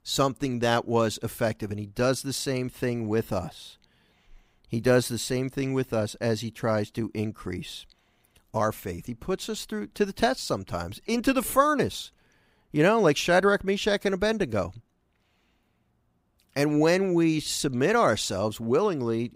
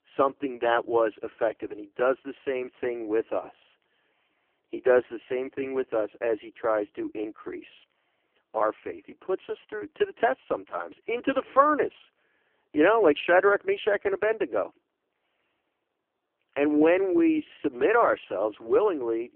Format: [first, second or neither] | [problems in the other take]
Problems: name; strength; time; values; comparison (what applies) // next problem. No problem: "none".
first | phone-call audio; poor line